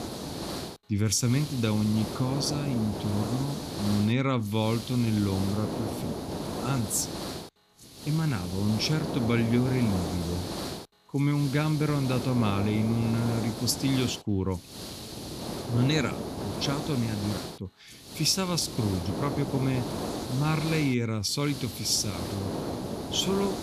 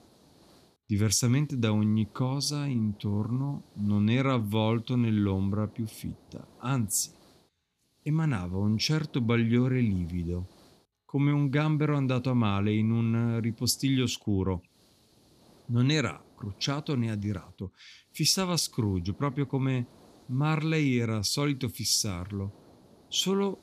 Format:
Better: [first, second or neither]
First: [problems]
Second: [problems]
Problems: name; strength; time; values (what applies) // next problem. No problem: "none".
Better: second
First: hiss; loud; throughout; 7 dB below the speech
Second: hiss; faint; throughout; 30 dB below the speech